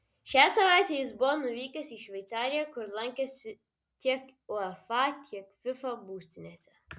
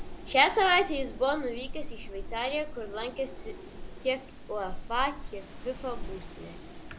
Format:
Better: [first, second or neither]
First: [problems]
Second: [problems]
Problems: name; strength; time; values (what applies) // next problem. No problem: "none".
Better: first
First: none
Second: background sound (Wind); 7 dB below the speech